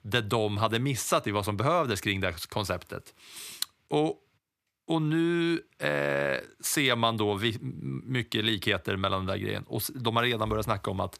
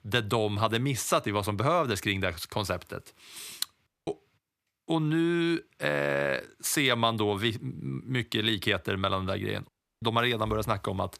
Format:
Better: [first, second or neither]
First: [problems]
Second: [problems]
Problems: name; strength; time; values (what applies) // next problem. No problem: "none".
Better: first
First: none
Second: audio cutting out; at 4 s and at 9.5 s